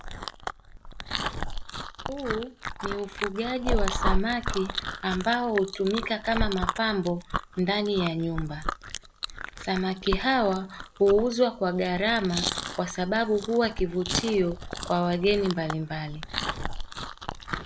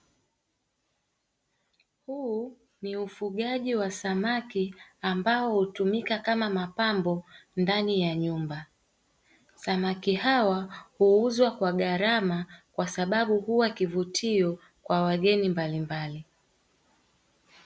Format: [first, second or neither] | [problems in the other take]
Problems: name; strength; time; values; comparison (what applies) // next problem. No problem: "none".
second | background sound (Chewing, mastication); 4 dB below the speech